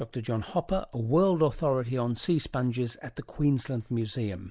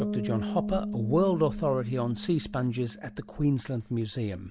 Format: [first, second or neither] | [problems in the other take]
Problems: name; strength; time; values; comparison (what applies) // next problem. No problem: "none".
first | background sound (Bass guitar); 7 dB below the speech